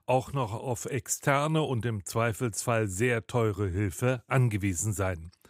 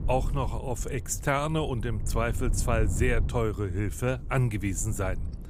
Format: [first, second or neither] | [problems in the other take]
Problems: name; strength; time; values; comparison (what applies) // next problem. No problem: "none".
first | low rumble; noticeable; throughout; 15 dB below the speech